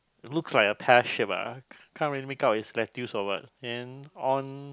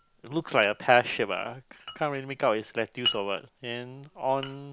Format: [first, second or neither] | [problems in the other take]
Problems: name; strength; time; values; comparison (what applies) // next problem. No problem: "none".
first | background sound (Glass); 12 dB below the speech